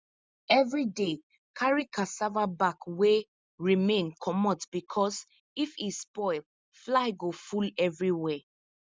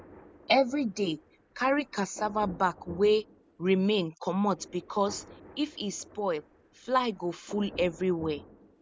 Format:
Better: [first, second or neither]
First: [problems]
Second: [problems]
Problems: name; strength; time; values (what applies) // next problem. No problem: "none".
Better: first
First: none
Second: background sound (Thunder); 19 dB below the speech